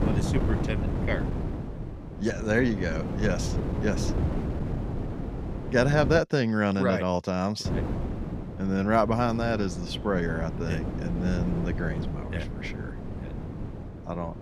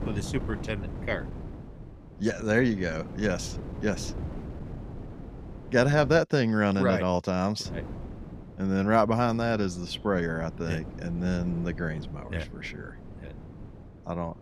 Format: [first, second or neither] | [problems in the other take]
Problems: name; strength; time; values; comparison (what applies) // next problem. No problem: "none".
second | wind noise on the microphone; heavy; until 6 s and from 7.5 s on; 10 dB below the speech; occasional gusts in the second